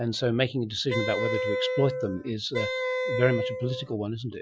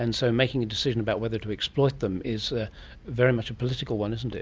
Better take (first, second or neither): second